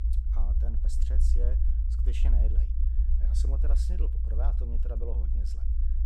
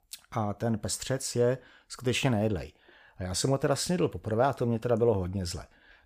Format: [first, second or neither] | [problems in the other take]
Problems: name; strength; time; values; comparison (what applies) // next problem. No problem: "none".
second | low rumble; loud; throughout; 2 dB below the speech